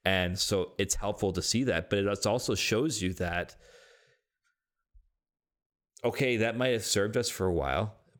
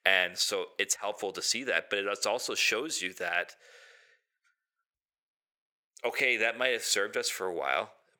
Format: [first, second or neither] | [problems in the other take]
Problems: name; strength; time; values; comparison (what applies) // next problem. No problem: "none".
first | thin; very; fading below 550 Hz